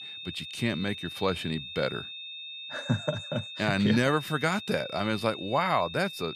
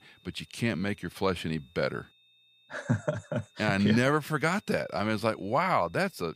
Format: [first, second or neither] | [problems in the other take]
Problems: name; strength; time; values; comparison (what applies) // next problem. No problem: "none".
second | high-pitched whine; loud; throughout; 3.5 kHz, 9 dB below the speech; faint in the second